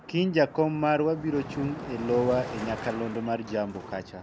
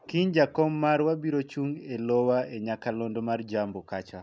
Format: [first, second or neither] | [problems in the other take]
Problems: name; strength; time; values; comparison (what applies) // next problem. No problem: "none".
second | background sound (Car passing by); 12 dB below the speech